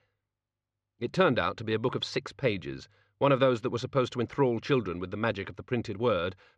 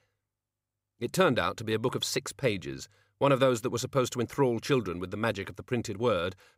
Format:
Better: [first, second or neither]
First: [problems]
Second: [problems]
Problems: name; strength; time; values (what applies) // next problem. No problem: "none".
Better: second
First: muffled; very slightly; fading above 4 kHz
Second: none